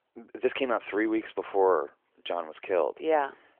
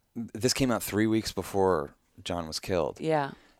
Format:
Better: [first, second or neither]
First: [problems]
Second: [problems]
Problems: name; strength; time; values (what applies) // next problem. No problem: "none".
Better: second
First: phone-call audio; nothing above 3 kHz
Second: none